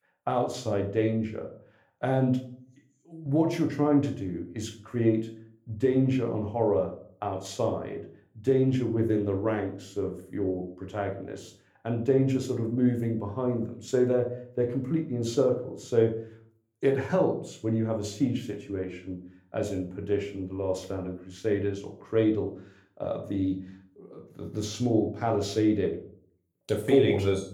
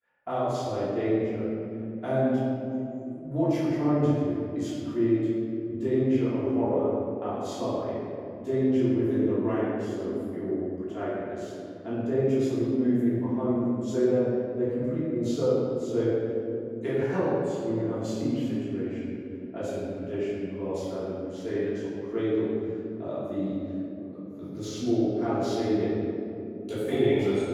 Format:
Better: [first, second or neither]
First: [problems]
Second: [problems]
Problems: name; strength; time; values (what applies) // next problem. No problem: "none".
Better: first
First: room echo; slight; dies away in 0.4 s // off-mic speech; somewhat distant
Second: room echo; strong; dies away in 2.9 s // off-mic speech; far